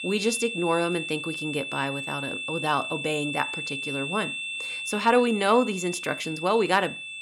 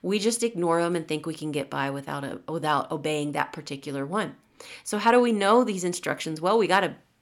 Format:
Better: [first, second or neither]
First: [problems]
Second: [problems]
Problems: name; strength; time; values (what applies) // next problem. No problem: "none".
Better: second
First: high-pitched whine; loud; throughout; 2.5 kHz, 5 dB below the speech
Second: none